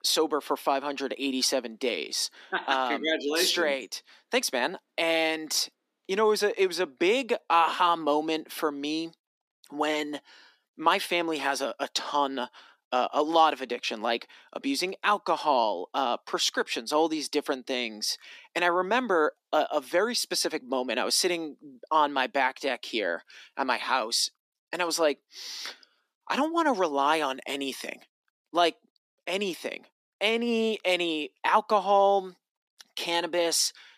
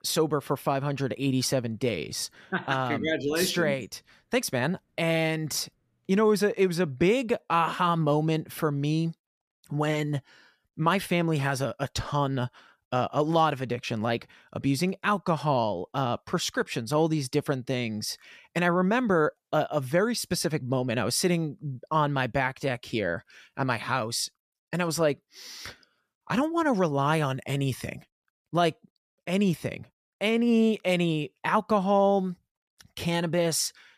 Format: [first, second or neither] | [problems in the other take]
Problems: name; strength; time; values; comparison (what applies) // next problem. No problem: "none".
second | thin; somewhat; fading below 250 Hz